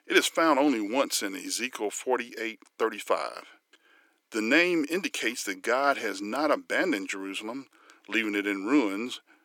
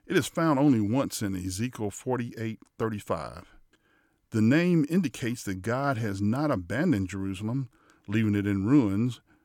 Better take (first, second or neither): second